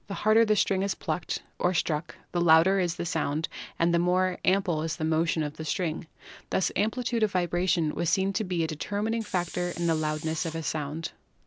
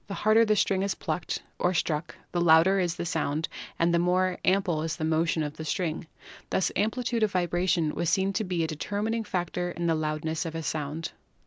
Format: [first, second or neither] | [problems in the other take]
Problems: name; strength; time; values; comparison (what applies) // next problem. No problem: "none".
second | background sound (Hiss); 16 dB below the speech